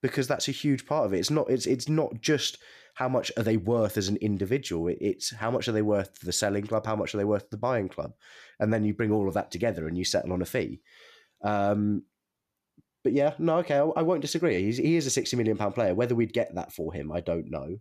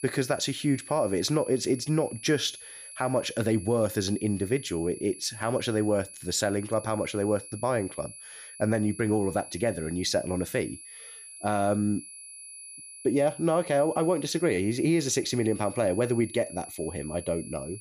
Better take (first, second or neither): first